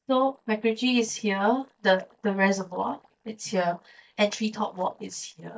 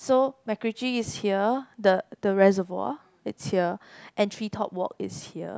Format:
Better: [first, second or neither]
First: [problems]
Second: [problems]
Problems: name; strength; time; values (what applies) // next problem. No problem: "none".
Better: second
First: noise reduction (neural mask model DeepFilterNet 3)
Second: none